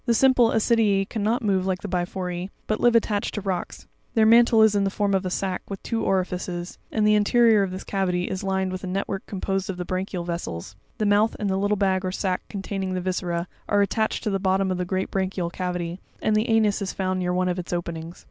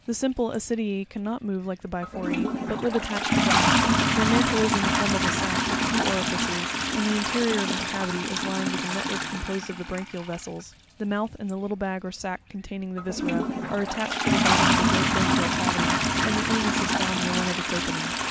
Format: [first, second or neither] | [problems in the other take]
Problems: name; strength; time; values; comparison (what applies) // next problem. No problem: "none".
first | background sound (Toilet flush); 4 dB above the speech